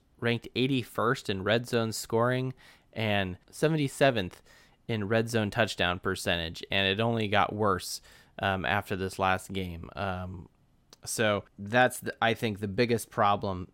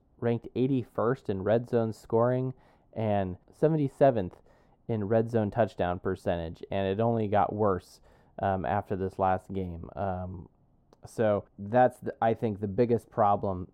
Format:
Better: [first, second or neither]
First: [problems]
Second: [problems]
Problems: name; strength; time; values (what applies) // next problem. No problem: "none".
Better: first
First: none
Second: muffled; very; fading above 1.5 kHz